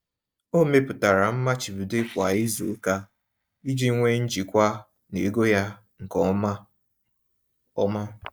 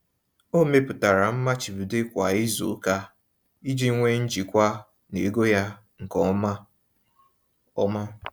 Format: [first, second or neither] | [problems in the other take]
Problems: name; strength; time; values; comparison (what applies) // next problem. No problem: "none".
second | noise reduction (neural mask model DeepFilterNet 3)